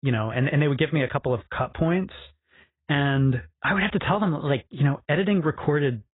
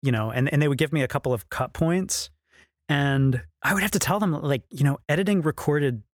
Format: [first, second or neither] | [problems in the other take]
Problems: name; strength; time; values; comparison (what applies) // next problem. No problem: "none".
second | garbled, watery; badly; nothing above 3.5 kHz